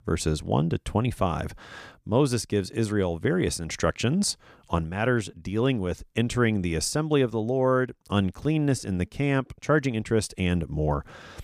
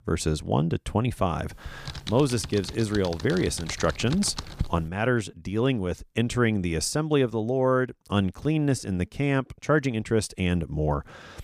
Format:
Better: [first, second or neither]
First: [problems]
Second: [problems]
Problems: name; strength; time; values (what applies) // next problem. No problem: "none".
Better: first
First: none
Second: keyboard typing; noticeable; from 1.5 to 4.5 s; peak 7 dB below the speech